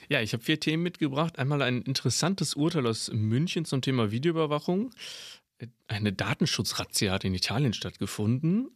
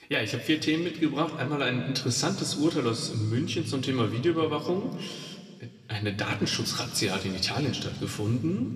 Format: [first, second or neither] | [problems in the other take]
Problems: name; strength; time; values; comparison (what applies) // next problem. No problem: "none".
first | room echo; slight; dies away in 2 s